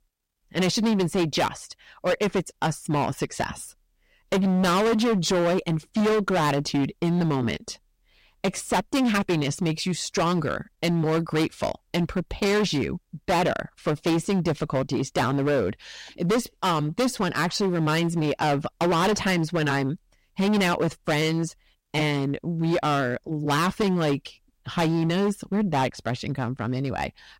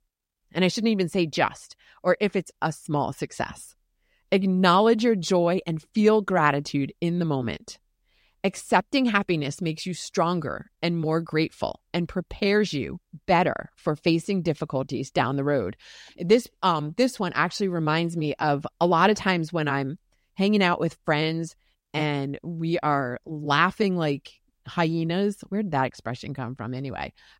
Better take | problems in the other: second | distortion; heavy; 16% of the sound clipped

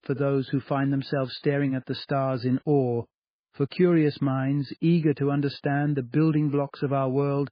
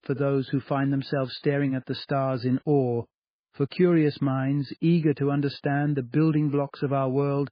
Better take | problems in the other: neither | garbled, watery; badly; nothing above 4.5 kHz; the same in both

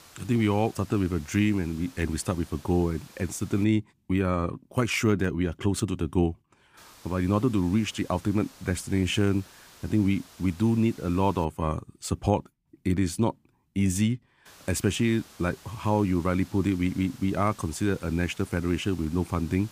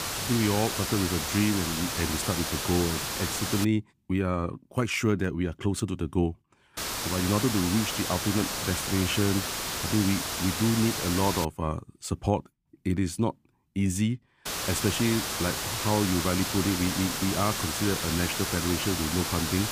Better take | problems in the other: first | hiss; loud; until 3.5 s, from 7 to 11 s and from 14 s on; 1 dB below the speech; faint in the first

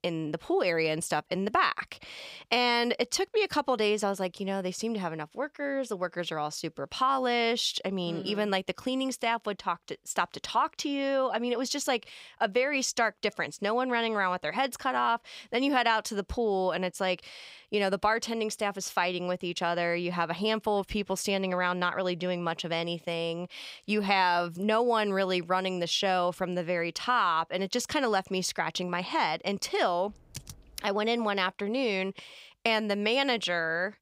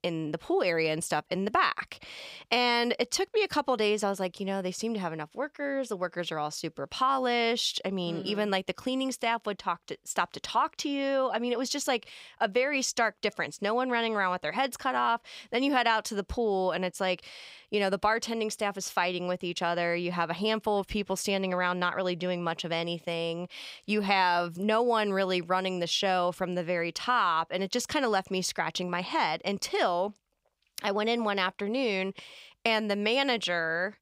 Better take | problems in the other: second | keyboard typing; faint; at 30 s; peak 15 dB below the speech

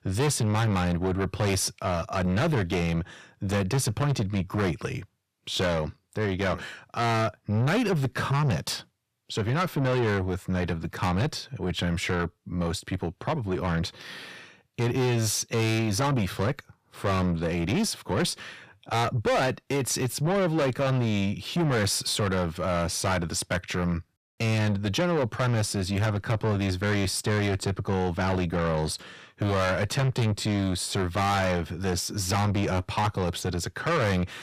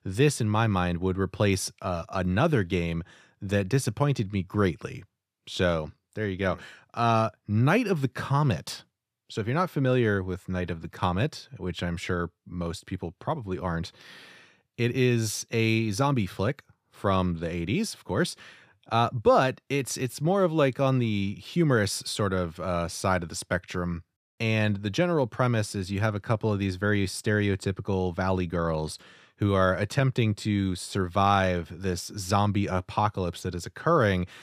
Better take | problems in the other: second | distortion; heavy; 6 dB below the speech

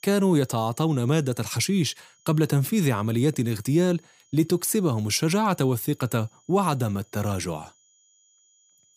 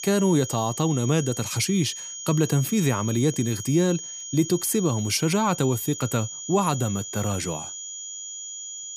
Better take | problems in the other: first | high-pitched whine; loud; throughout; 6.5 kHz, 9 dB below the speech; faint in the first

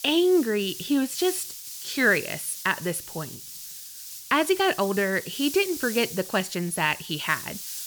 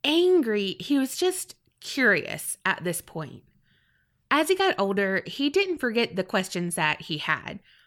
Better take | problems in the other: second | hiss; noticeable; throughout; 10 dB below the speech

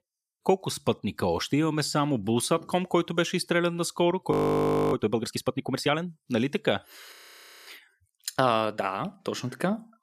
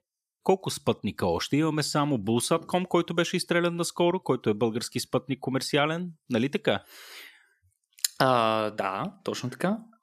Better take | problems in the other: second | audio freezing; at 4.5 s for 0.5 s and at 7 s for 0.5 s

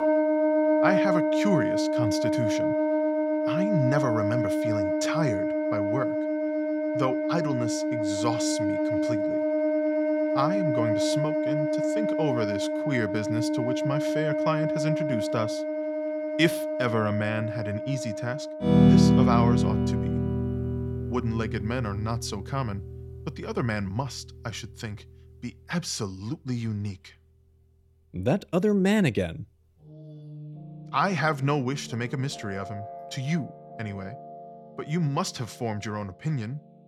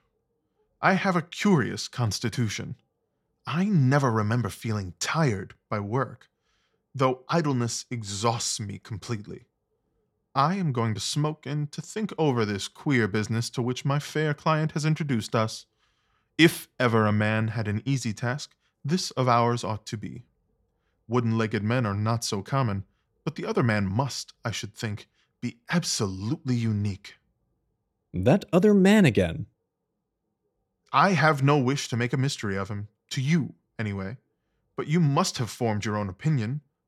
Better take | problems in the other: second | background music; very loud; throughout; 4 dB above the speech

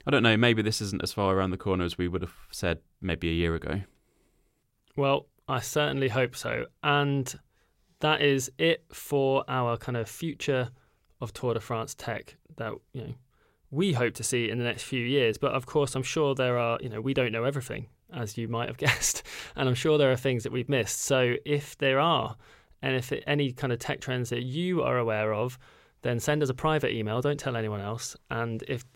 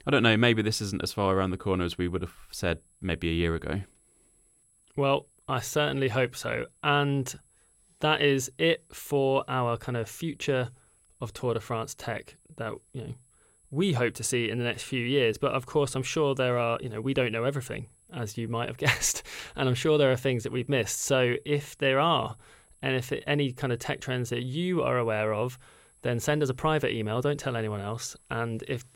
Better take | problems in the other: first | high-pitched whine; faint; throughout; 11 kHz, 35 dB below the speech

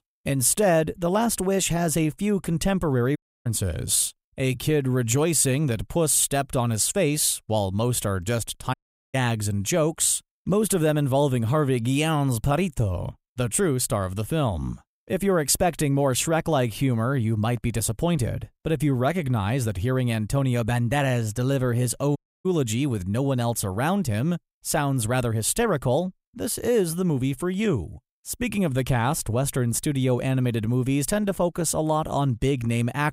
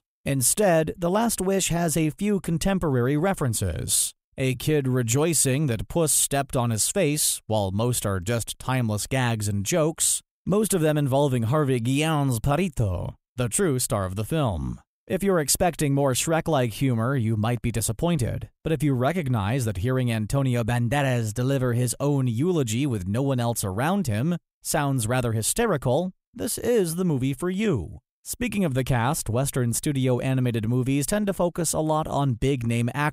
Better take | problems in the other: second | audio cutting out; at 3 s, at 8.5 s and at 22 s

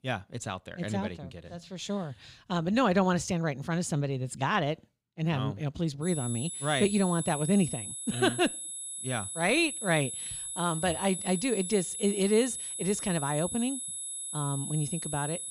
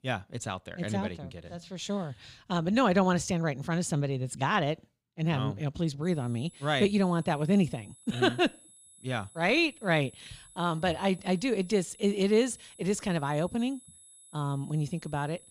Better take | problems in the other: second | high-pitched whine; loud; from 6 s on; 10.5 kHz, 5 dB below the speech; faint in the second

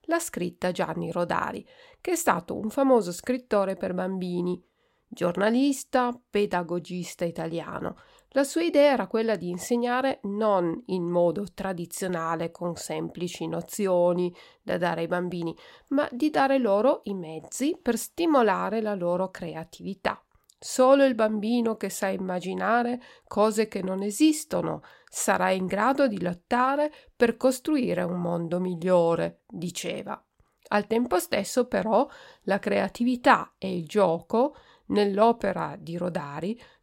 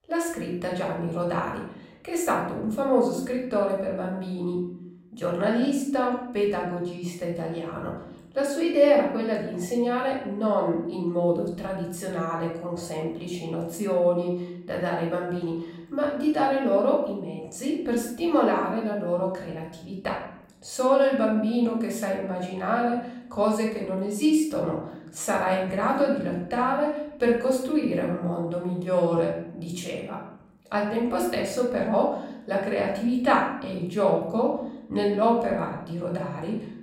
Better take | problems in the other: first | off-mic speech; far // room echo; noticeable; dies away in 0.7 s

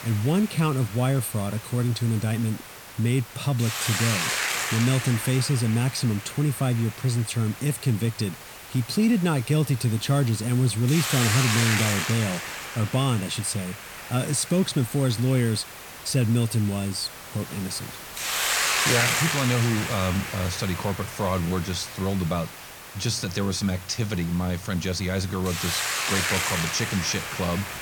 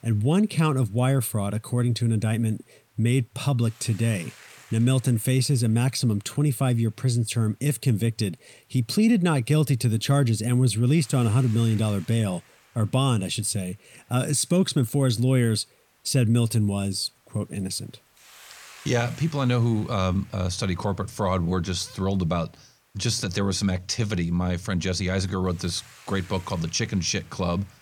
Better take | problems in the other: second | hiss; loud; throughout; 4 dB below the speech; faint in the second

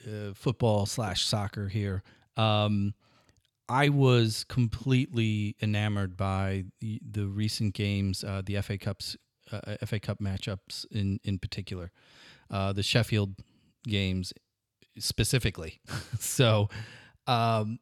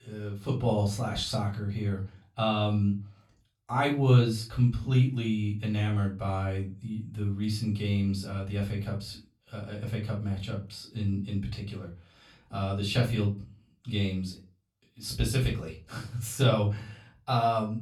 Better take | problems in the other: first | off-mic speech; far // room echo; slight; dies away in 0.3 s

